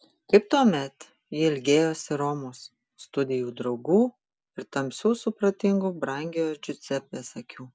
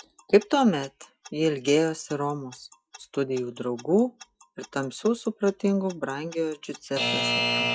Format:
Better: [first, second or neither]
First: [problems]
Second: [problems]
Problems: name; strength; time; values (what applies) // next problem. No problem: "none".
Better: first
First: none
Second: noise reduction (classical method log-MMSE)